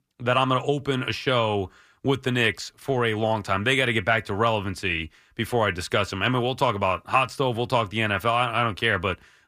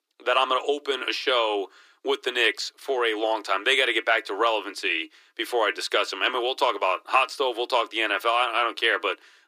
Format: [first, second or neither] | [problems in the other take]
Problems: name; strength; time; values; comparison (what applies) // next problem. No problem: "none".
first | thin; very; fading below 300 Hz